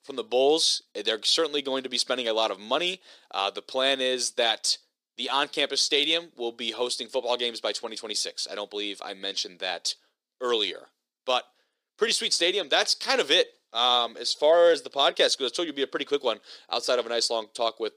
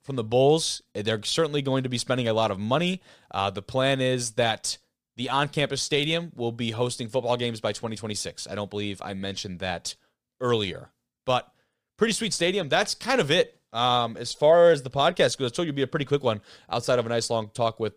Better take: second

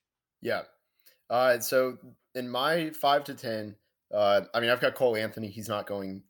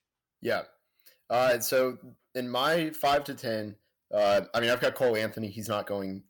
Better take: first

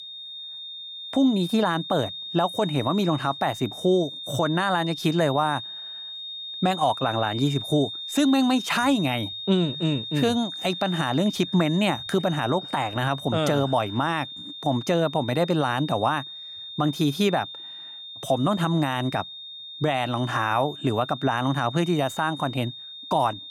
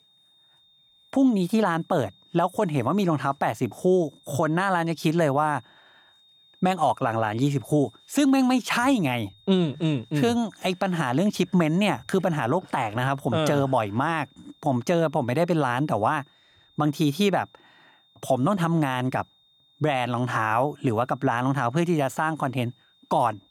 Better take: second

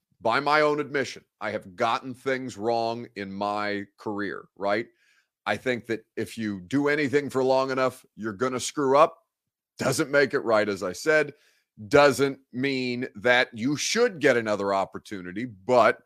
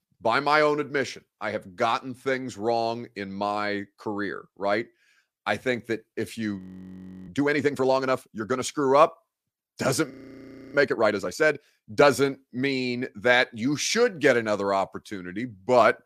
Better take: first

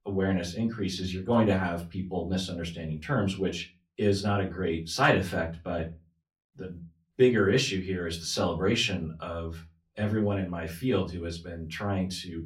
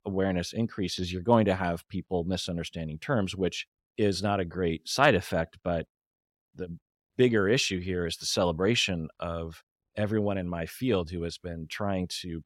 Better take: second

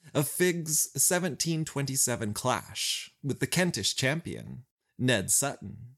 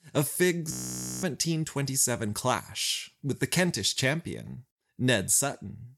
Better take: first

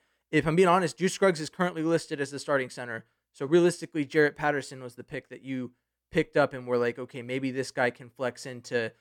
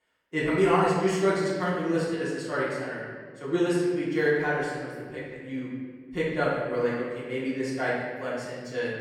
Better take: first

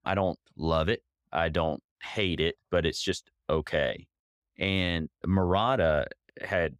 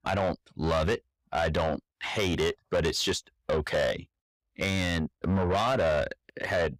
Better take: first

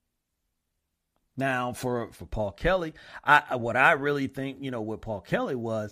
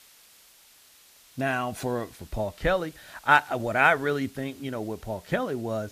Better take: first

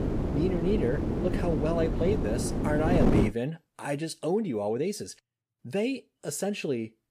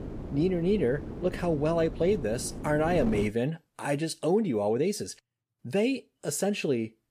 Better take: second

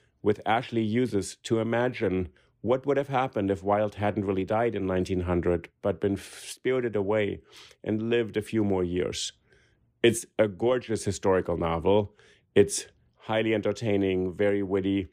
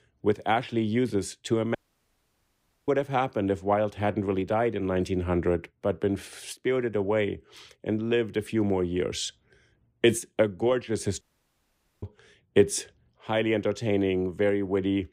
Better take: first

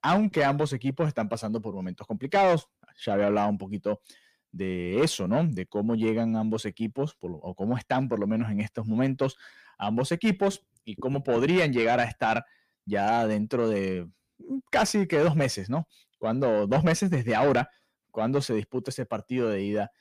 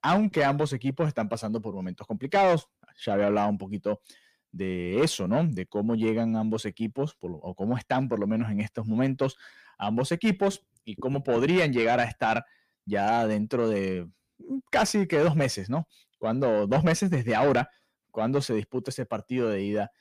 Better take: neither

